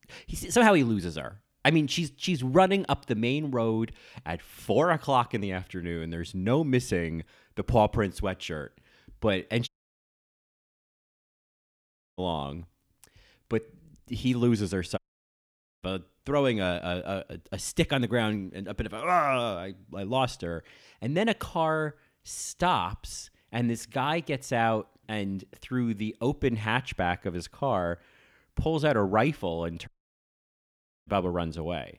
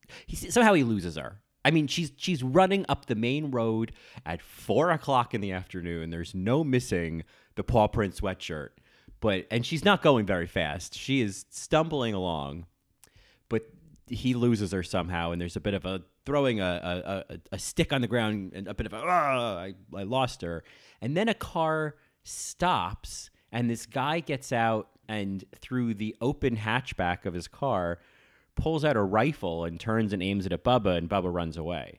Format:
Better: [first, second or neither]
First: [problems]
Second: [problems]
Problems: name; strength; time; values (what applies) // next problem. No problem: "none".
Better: second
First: audio cutting out; at 9.5 s for 2.5 s, at 15 s for 1 s and at 30 s for 1 s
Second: none